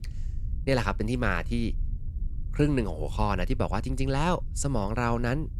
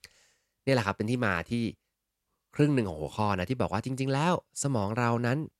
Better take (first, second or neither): second